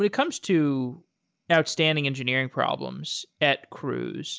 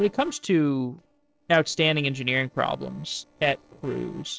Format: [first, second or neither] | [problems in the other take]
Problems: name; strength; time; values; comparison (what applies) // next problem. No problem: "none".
first | noise reduction (neural separator model SepFormer DNS4)